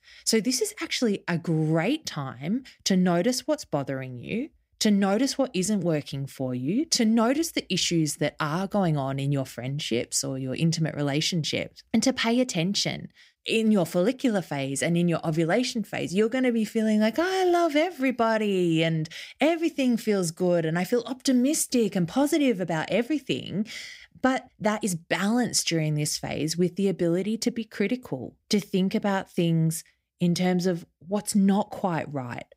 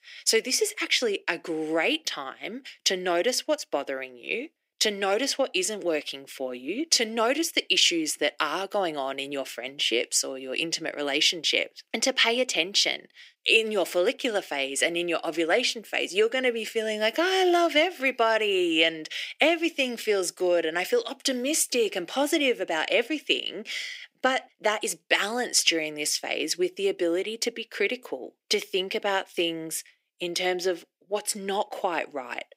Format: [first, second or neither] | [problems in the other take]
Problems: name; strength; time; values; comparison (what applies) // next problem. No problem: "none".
first | thin; somewhat; fading below 350 Hz